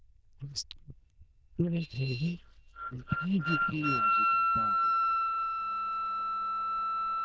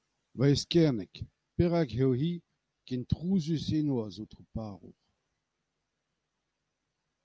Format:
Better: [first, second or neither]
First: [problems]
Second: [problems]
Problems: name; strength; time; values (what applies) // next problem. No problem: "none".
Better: second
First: noise reduction (neural diffusion model UNIVERSE++)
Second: none